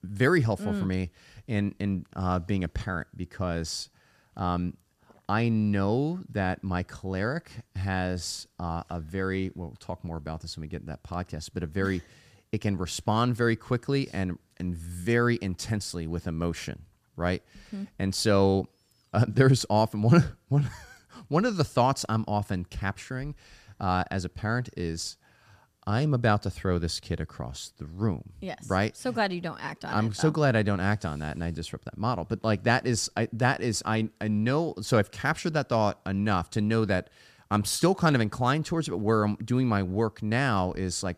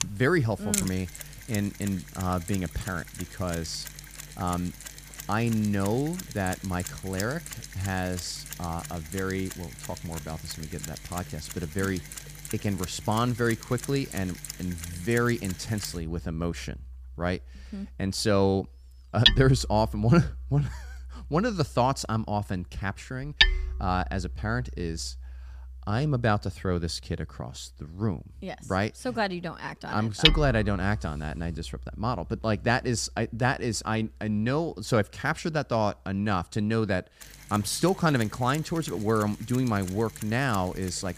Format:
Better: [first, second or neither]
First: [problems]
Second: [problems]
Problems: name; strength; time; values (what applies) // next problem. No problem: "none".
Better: first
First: none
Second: machinery noise; loud; throughout; 5 dB below the speech